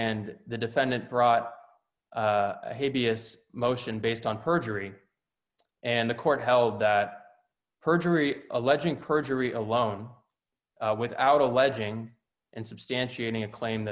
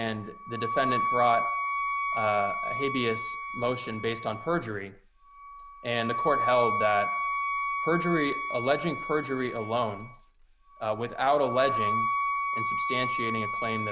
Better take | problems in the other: first | background sound (Wind instrument, woodwind instrument); 1 dB below the speech

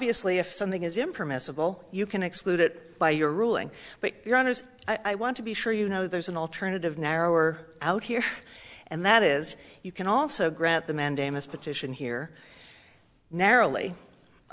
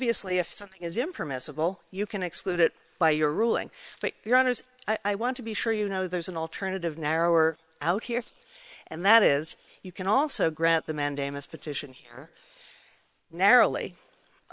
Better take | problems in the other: first | noise reduction (neural separator model SepFormer WHAM!)

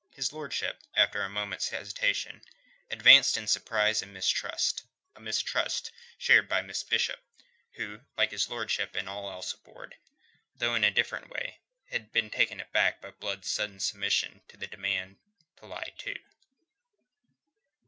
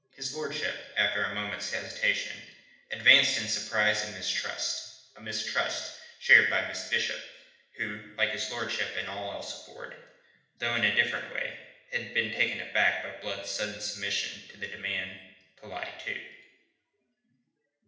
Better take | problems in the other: first | room echo; dies away in 0.8 s

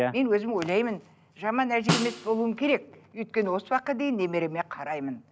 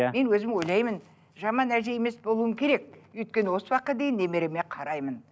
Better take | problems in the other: second | background sound (Snare drum); 5 dB below the speech

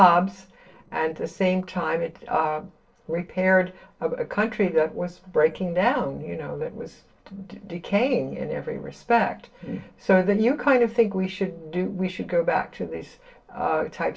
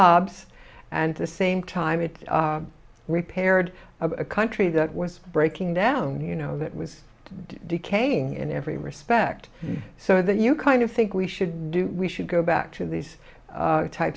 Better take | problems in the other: second | noise reduction (neural separator model SepFormer DNS4)

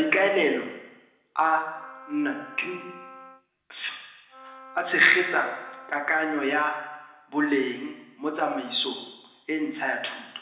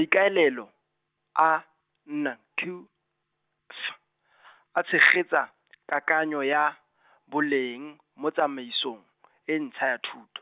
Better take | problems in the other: second | background sound (Wind instrument, woodwind instrument); 18 dB below the speech // room echo; dies away in 1 s

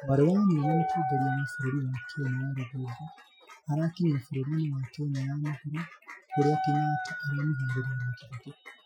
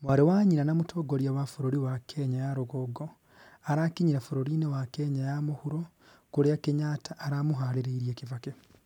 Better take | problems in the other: second | noise reduction (classical method Wiener filter)

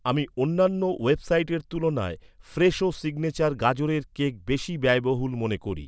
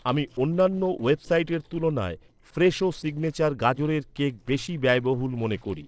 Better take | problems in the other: first | noise reduction (neural separator model SepFormer DNS4)

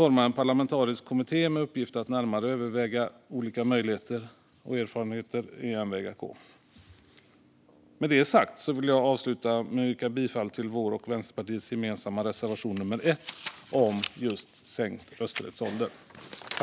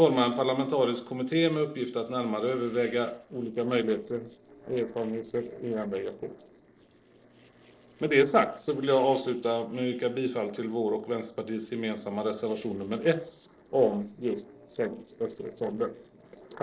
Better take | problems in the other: first | noise reduction (neural separator model SepFormer DNS4)

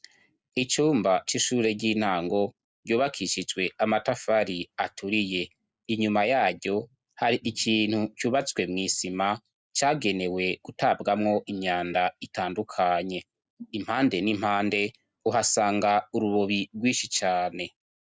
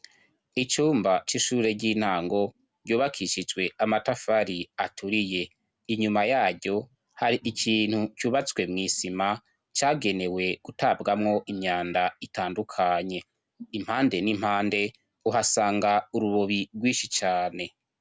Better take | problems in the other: second | noise reduction (neural mask model Resemble Enhance denoiser)

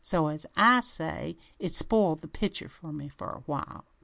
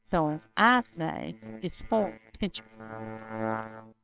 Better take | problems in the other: first | noise reduction (neural separator model SepFormer WHAMR!)

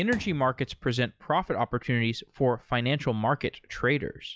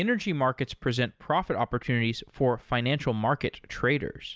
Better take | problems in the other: second | noise reduction (classical method log-MMSE)

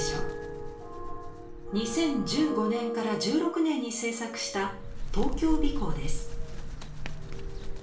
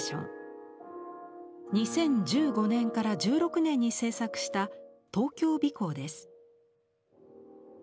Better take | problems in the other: second | background sound (Bird); 2 dB below the speech // room echo; dies away in 0.4 s

